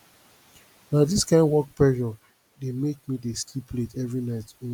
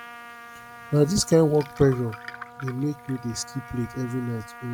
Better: first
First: none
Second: background sound (Trumpet + Glass); 16 dB below the speech

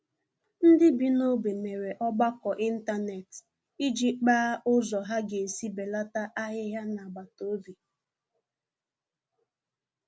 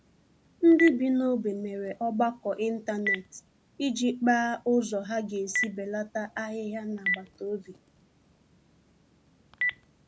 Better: first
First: none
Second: background sound (Telephone); 9 dB below the speech

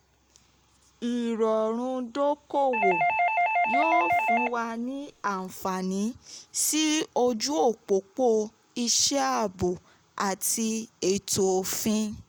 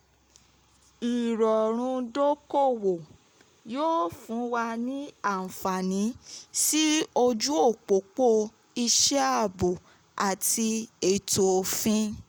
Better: second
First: background sound (Doorbell); 2 dB above the speech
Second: none

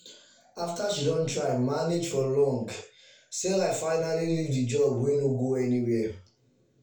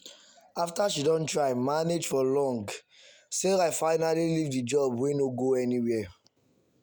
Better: second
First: room echo; dies away in 0.3 s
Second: none

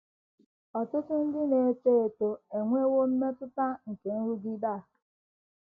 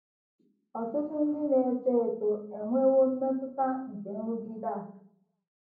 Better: first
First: none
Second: room echo; dies away in 0.6 s

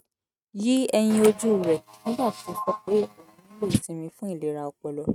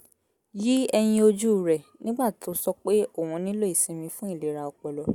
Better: second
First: noise reduction (neural mask model RNNoise)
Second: none

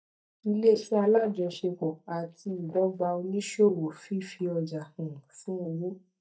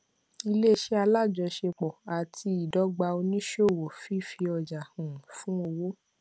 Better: second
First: noise reduction (neural mask model DeepFilterNet 3)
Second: none

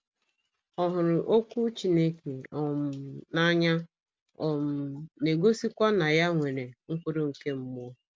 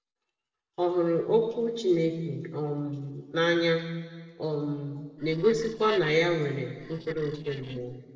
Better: first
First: none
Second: noise reduction (neural separator model SepFormer DNS4)

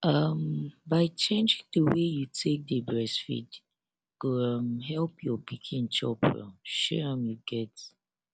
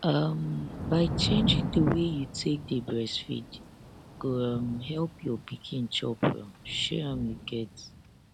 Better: first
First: none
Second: background sound (Thunder / Rain); 6 dB below the speech

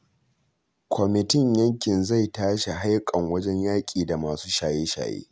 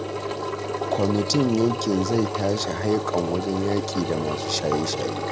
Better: first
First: none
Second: background sound (Engine); 3 dB below the speech

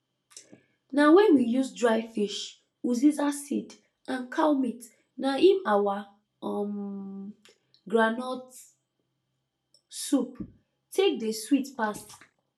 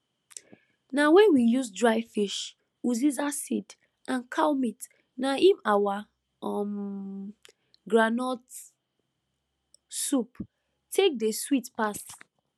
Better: second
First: room echo; dies away in 0.2 s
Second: none

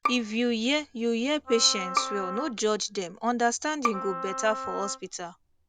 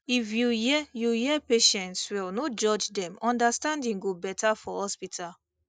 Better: second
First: background sound (Bowed string instrument + Wind instrument, woodwind instrument); 7 dB below the speech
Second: none

